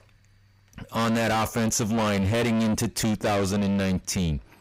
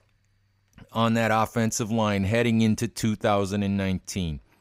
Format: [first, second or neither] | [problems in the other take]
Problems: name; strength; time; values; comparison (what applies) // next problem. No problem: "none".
second | distortion; heavy; 6 dB below the speech